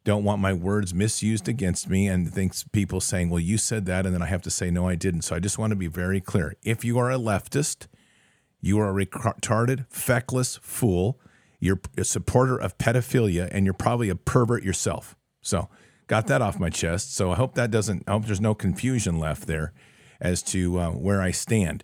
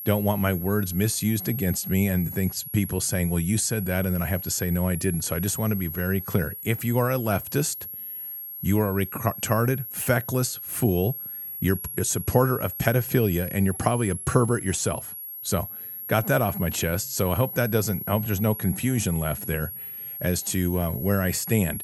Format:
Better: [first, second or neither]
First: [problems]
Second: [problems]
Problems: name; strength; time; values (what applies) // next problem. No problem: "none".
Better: first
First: none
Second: high-pitched whine; loud; throughout; 11.5 kHz, 8 dB below the speech